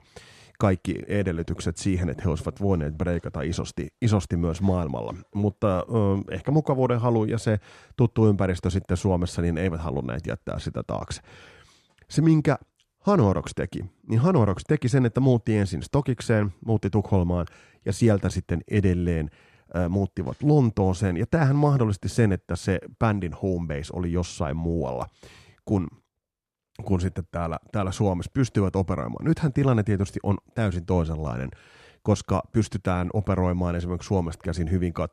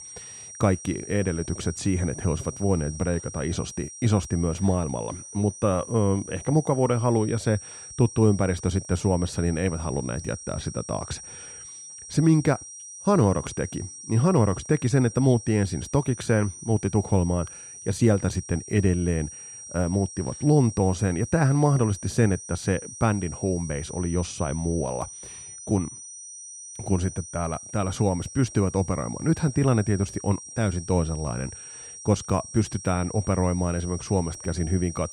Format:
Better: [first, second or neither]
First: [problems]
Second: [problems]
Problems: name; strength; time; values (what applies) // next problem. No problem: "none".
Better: first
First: none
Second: high-pitched whine; noticeable; throughout; 5.5 kHz, 15 dB below the speech